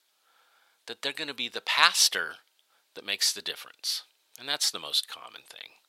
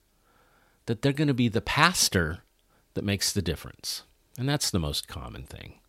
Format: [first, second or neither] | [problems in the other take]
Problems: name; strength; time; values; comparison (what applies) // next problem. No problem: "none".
second | thin; very; fading below 800 Hz